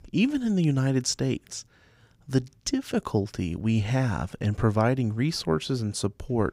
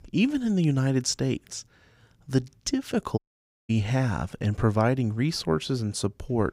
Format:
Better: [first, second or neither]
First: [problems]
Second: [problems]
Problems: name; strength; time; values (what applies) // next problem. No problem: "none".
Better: first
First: none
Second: audio cutting out; at 3 s for 0.5 s